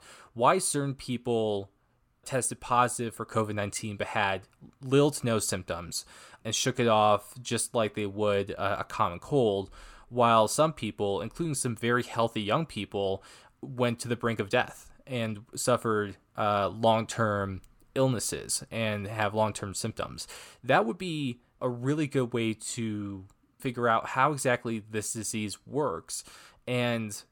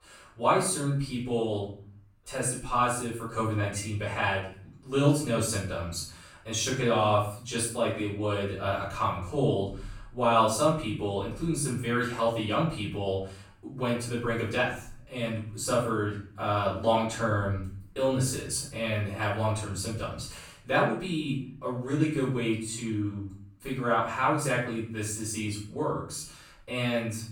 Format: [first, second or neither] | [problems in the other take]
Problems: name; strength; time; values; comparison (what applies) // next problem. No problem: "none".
first | room echo; noticeable; dies away in 0.5 s // off-mic speech; far